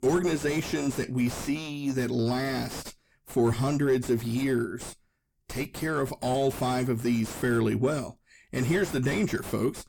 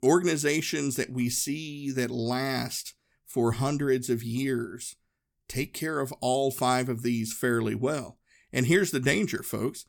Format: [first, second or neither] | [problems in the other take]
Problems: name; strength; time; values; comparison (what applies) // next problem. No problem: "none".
second | distortion; heavy; 6 dB below the speech